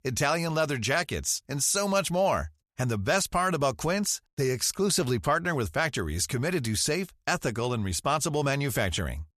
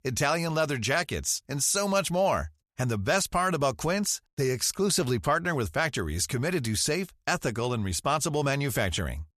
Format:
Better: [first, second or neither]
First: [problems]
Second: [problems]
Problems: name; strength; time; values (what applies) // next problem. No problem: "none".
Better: neither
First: none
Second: none